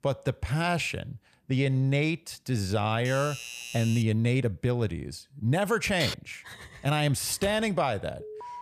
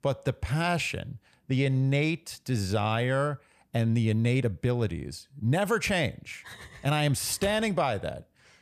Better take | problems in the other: second | doorbell; noticeable; from 3 to 4 s; peak 9 dB below the speech // keyboard typing; noticeable; at 6 s; peak 5 dB below the speech // alarm; faint; at 8 s; peak 15 dB below the speech

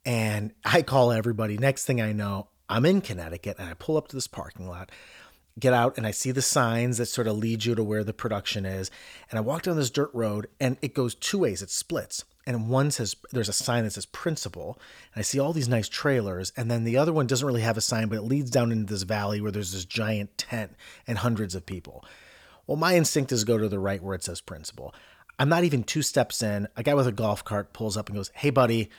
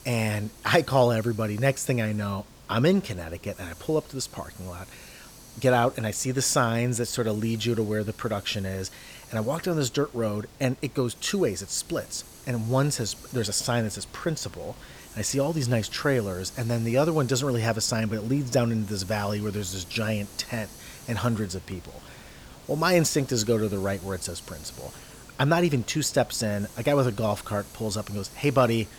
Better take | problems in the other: first | hiss; noticeable; throughout; 20 dB below the speech

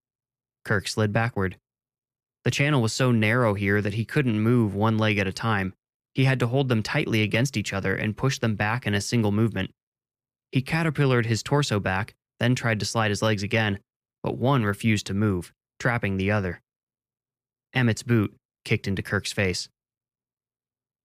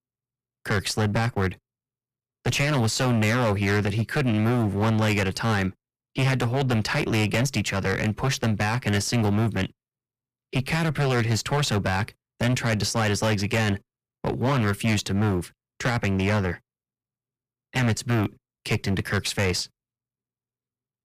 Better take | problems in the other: first | distortion; heavy; 17% of the sound clipped

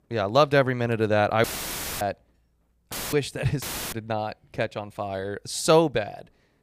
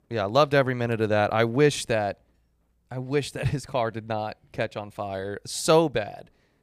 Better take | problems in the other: second | audio cutting out; filled with static; at 1.5 s for 0.5 s, at 3 s and at 3.5 s

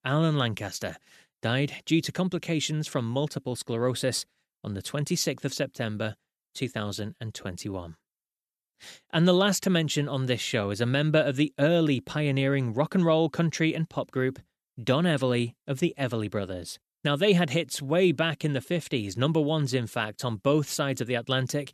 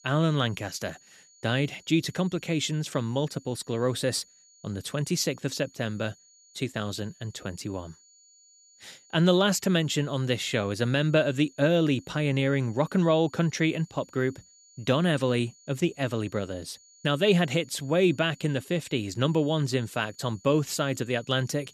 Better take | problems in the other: first | high-pitched whine; faint; throughout; 7 kHz, 30 dB below the speech

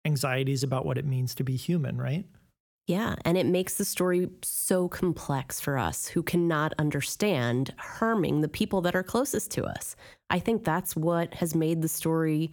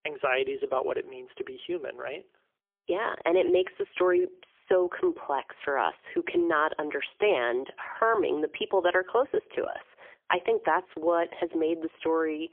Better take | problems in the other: first | phone-call audio; poor line; nothing above 3.5 kHz

